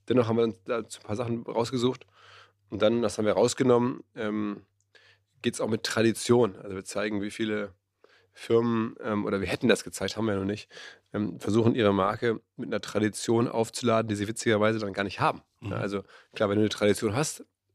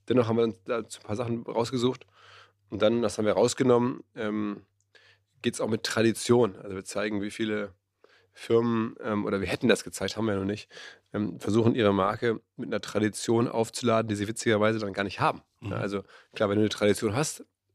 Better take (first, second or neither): neither